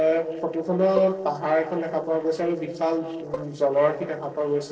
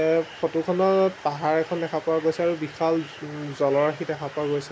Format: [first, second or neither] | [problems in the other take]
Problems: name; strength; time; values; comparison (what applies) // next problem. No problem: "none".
second | noise reduction (neural separator model SepFormer DNS4)